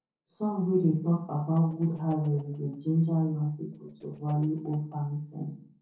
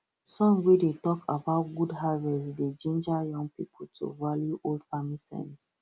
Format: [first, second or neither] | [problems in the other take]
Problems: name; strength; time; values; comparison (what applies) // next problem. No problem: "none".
second | noise reduction (neural separator model SepFormer DNS4)